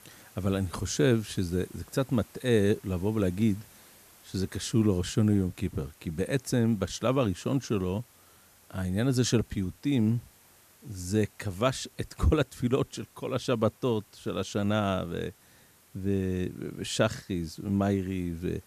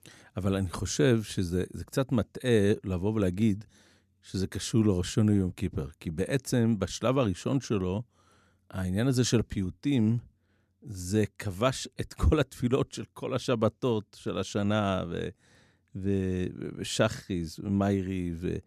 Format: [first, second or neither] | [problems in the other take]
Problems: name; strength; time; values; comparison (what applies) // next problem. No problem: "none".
second | hiss; faint; throughout; 25 dB below the speech